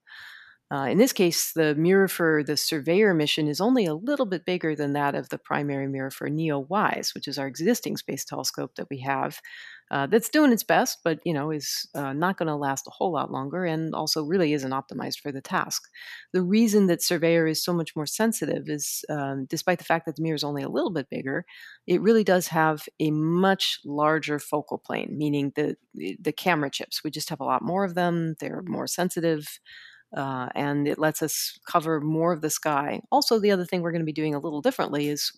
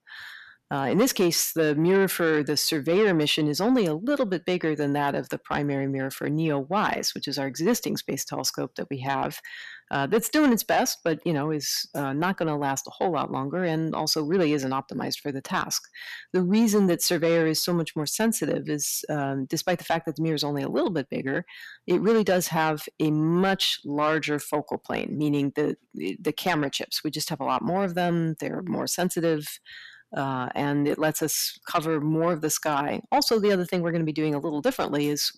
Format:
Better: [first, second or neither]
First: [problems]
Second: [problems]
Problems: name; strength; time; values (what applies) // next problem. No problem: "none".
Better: first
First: none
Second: distortion; slight; 10 dB below the speech